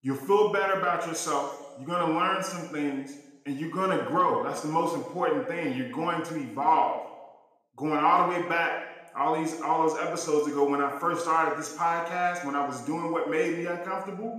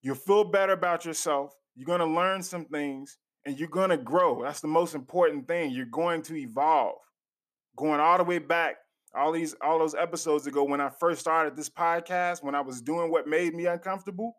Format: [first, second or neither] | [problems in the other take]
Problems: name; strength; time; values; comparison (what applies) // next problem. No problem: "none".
second | room echo; noticeable; dies away in 1 s // off-mic speech; somewhat distant